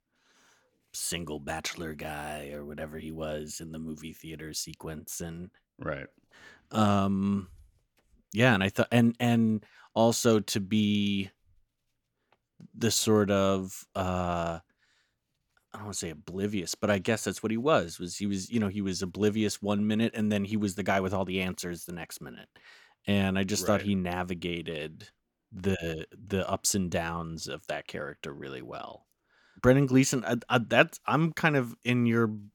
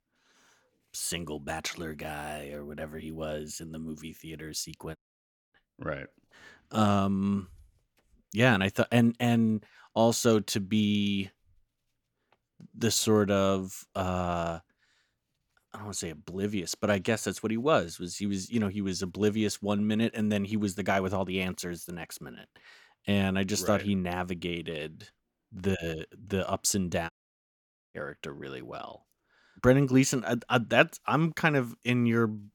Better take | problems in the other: first | audio cutting out; at 5 s for 0.5 s and at 27 s for 1 s

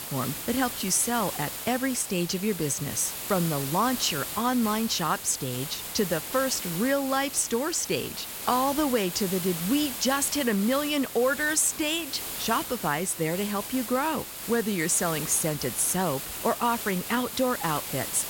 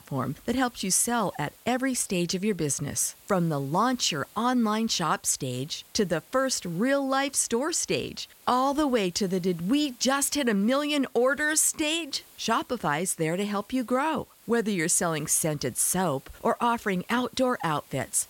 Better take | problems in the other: second | hiss; loud; throughout; 7 dB below the speech; faint in the second

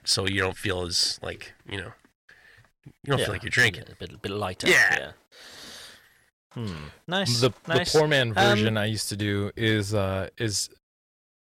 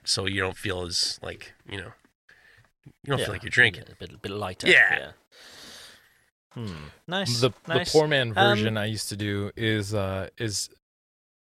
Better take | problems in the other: second | distortion; slight; 1.7% of the sound clipped

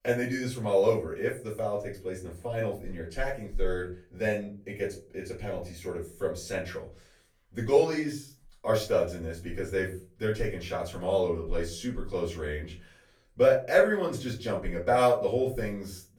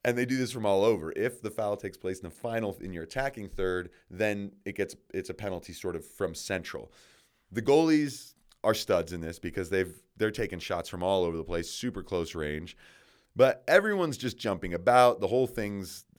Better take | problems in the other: second | off-mic speech; far // room echo; slight; dies away in 0.3 s

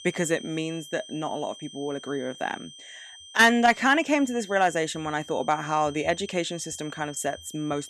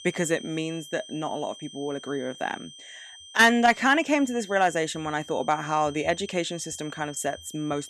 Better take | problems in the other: neither | high-pitched whine; noticeable; throughout; 3 kHz, 15 dB below the speech; the same in both

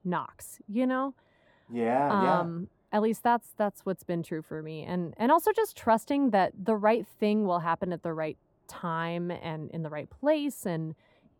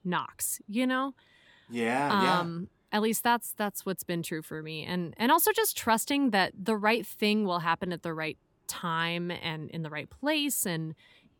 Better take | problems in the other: second | muffled; very; fading above 2 kHz

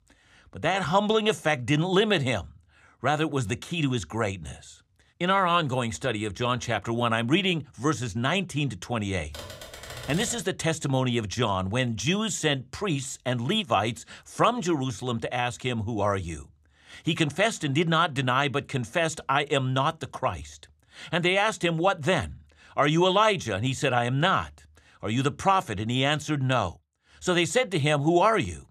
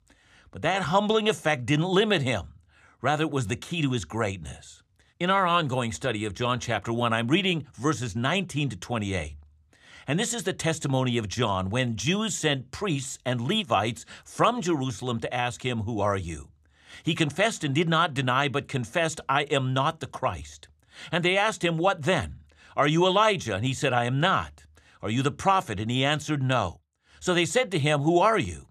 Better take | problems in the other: second | keyboard typing; faint; from 9.5 to 10 s; peak 10 dB below the speech

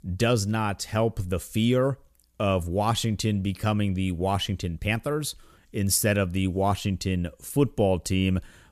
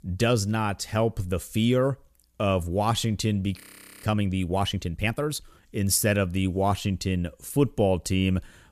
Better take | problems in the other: first | audio freezing; at 3.5 s

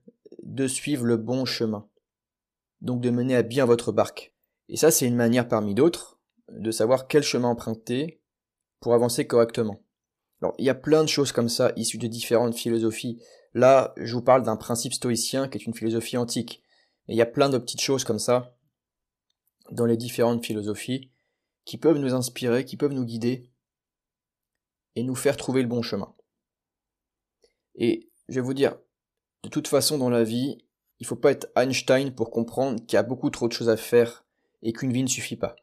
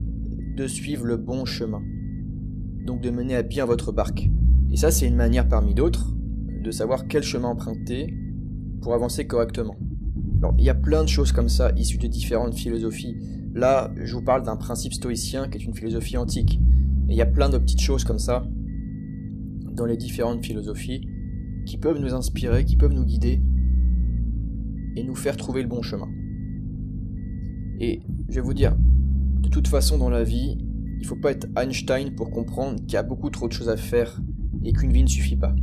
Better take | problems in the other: first | low rumble; noticeable; throughout; 10 dB below the speech

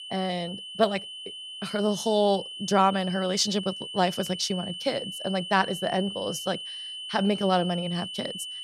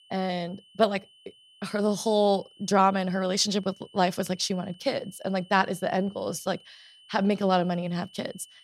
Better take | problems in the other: second | high-pitched whine; loud; throughout; 3 kHz, 8 dB below the speech; faint in the second

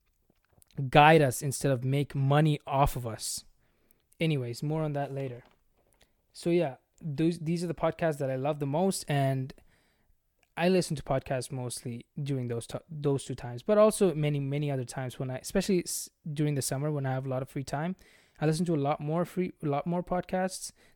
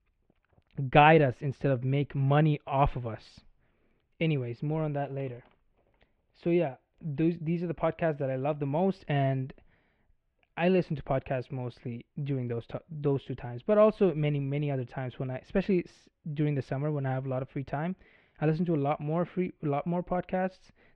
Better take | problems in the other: first | muffled; very; fading above 3 kHz

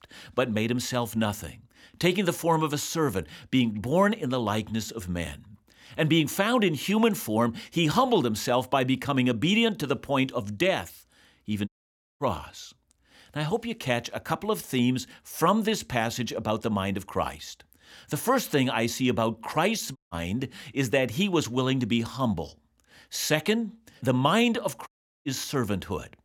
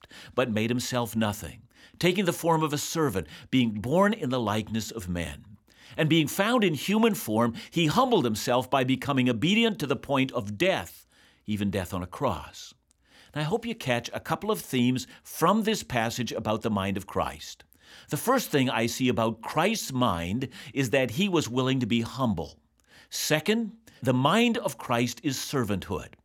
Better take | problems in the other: second | audio cutting out; at 12 s for 0.5 s, at 20 s and at 25 s

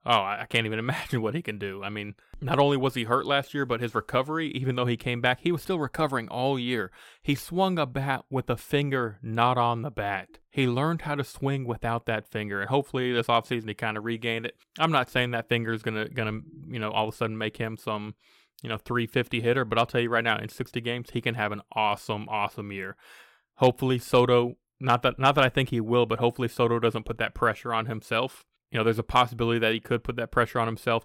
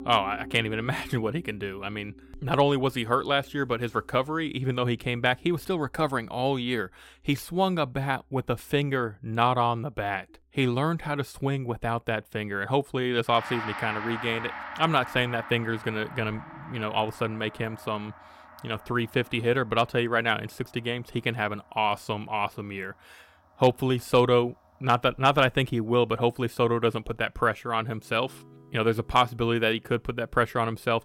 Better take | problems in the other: first | background music; noticeable; throughout; 15 dB below the speech

